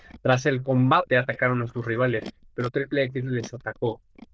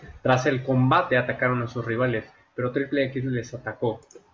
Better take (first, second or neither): second